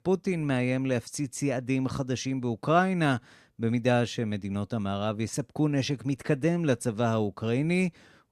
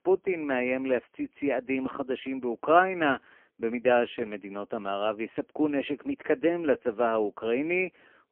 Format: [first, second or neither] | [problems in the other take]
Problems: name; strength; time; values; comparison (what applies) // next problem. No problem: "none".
first | phone-call audio; poor line